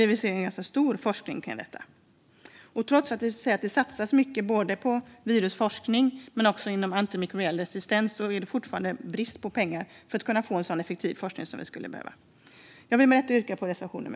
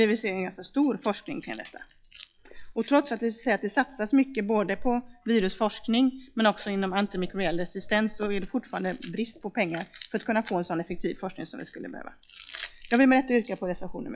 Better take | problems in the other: first | noise reduction (classical method log-MMSE)

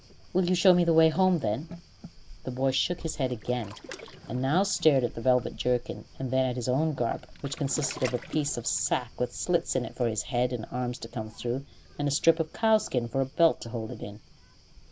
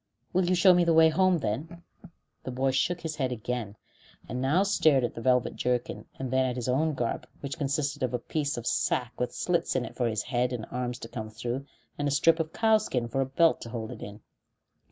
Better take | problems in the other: second | background sound (Waves, surf); 18 dB below the speech

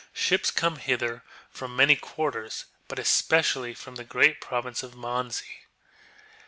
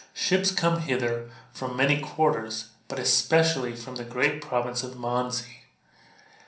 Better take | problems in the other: first | room echo; dies away in 0.6 s

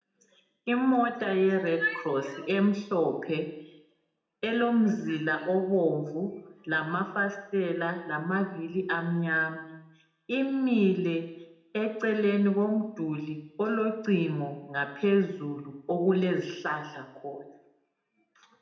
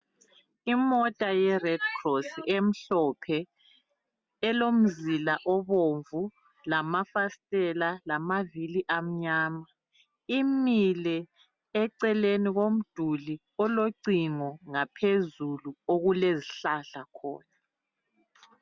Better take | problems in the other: second | room echo; dies away in 0.7 s

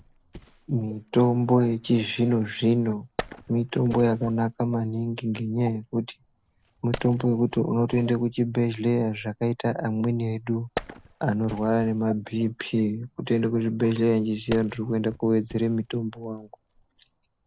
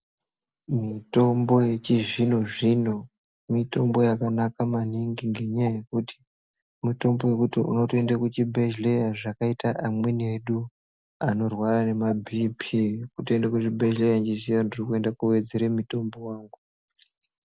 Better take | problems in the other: second | background sound (Wood); 19 dB below the speech

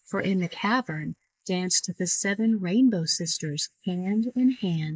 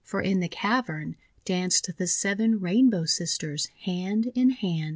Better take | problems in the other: second | noise reduction (neural mask model Resemble Enhance denoiser)

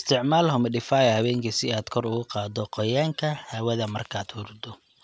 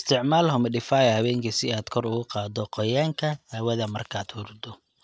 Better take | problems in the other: first | noise reduction (neural mask model DeepFilterNet 3)

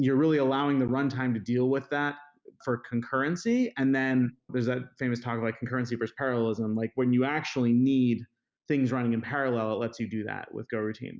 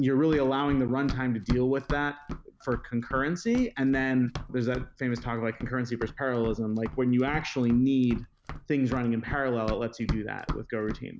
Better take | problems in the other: first | background sound (Run); 11 dB below the speech

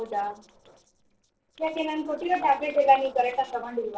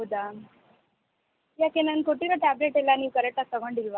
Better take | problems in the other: second | noise reduction (neural separator model SepFormer DNS4)

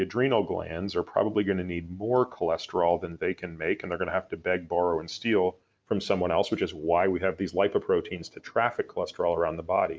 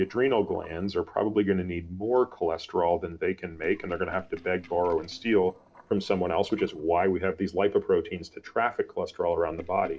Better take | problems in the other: first | noise reduction (neural separator model SepFormer DNS4)

